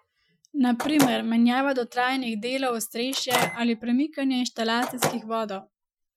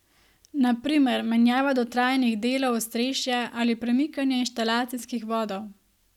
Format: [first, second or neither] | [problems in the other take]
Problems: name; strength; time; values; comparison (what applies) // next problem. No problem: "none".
second | noise reduction (classical method Wiener filter)